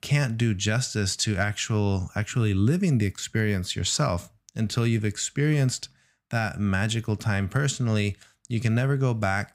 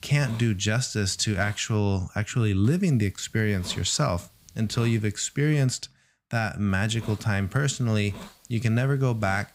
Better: first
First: none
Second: hiss; faint; until 2 s, from 2.5 to 5.5 s and from 6.5 s on; 20 dB below the speech

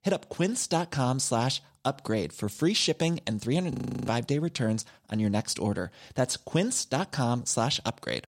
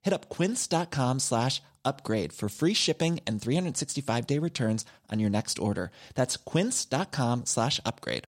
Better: second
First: audio freezing; at 3.5 s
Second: none

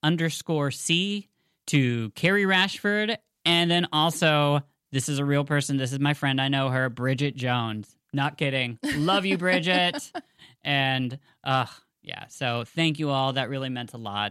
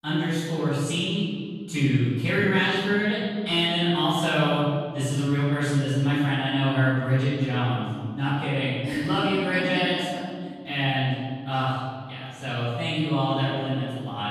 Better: first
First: none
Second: room echo; strong; dies away in 2.1 s // off-mic speech; far

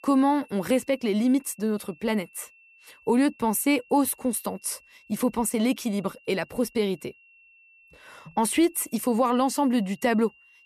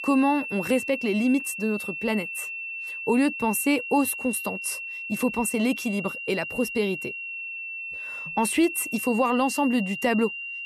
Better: first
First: high-pitched whine; faint; throughout; 2.5 kHz, 30 dB below the speech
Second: high-pitched whine; loud; throughout; 2.5 kHz, 6 dB below the speech

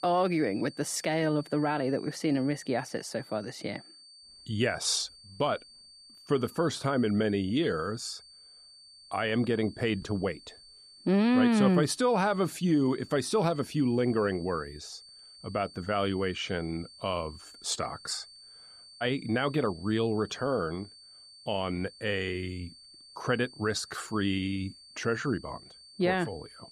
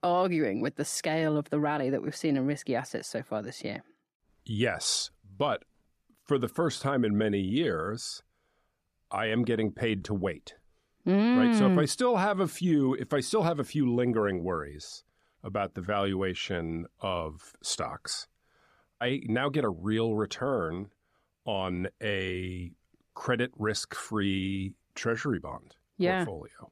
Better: second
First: high-pitched whine; faint; throughout; 4.5 kHz, 20 dB below the speech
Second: none

